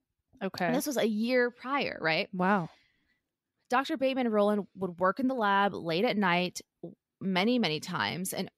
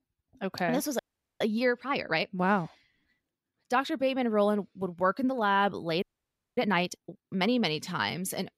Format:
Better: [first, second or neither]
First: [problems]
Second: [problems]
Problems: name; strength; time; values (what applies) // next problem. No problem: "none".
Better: first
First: none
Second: audio freezing; at 1 s and at 6 s for 0.5 s